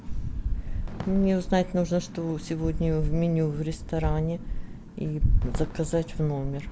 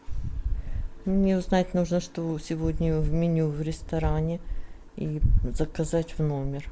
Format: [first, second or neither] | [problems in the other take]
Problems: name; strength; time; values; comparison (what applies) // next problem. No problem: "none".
second | background sound (Fireworks + Fire); 16 dB below the speech